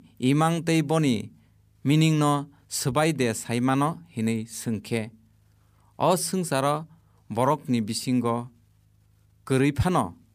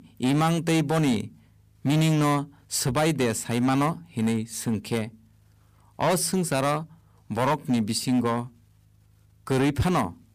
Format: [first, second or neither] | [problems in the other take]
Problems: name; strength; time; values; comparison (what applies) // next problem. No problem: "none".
first | distortion; slight; 9% of the sound clipped